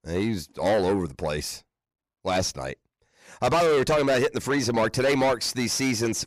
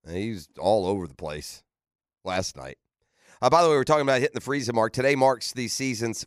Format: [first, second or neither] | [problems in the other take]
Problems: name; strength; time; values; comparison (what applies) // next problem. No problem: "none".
second | distortion; heavy; 5 dB below the speech